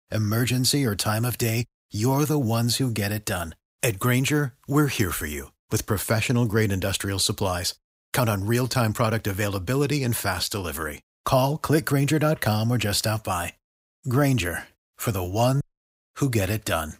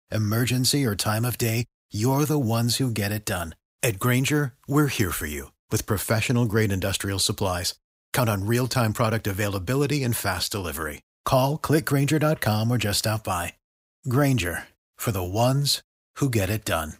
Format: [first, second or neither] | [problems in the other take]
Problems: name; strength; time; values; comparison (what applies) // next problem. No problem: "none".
second | audio cutting out; at 16 s